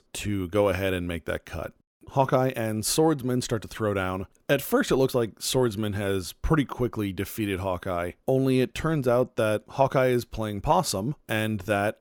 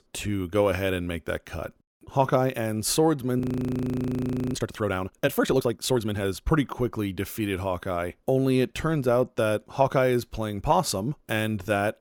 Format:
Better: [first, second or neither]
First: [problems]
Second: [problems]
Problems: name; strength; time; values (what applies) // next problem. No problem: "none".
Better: first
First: none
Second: audio freezing; at 3.5 s for 1 s